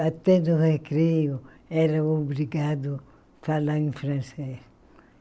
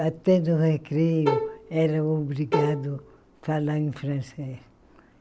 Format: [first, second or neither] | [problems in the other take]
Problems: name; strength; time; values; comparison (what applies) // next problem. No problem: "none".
first | background sound (Bowed string instrument); 5 dB below the speech